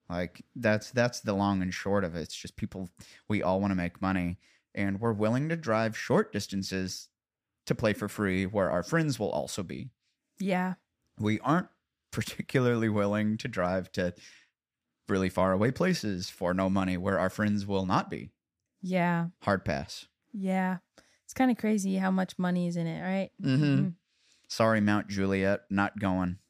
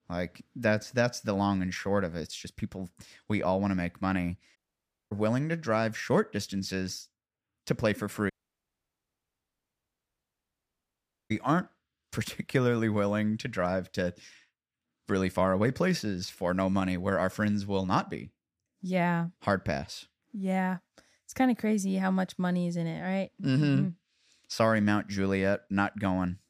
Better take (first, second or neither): first